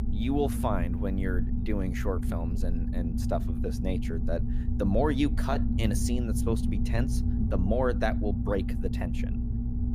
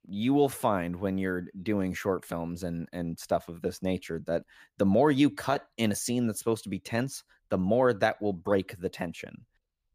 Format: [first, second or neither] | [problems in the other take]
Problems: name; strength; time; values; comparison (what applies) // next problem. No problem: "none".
second | low rumble; loud; throughout; 7 dB below the speech